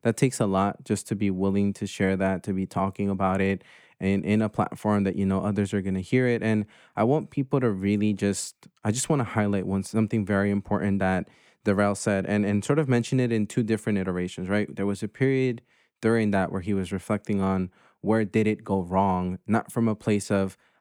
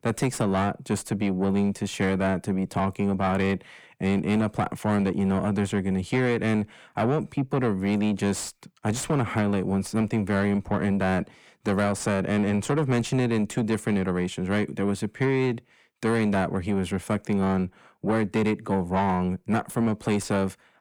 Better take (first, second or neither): first